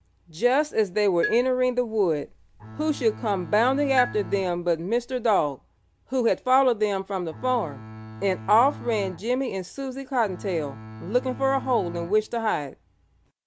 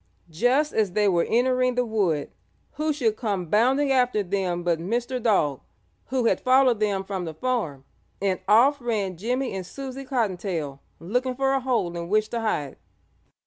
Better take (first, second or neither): second